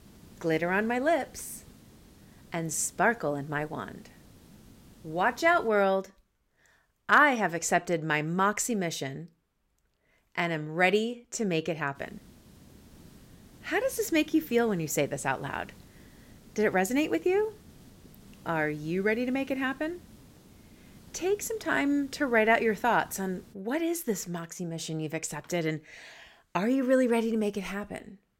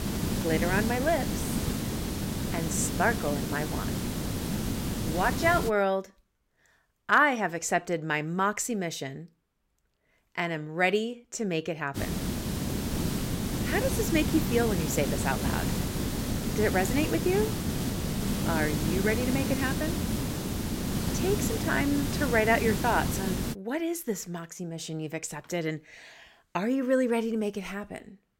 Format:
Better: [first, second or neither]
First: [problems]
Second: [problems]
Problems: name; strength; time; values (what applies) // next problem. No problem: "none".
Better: first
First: hiss; faint; until 5.5 s and from 12 to 24 s; 25 dB below the speech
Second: hiss; loud; until 5.5 s and from 12 to 24 s; 2 dB below the speech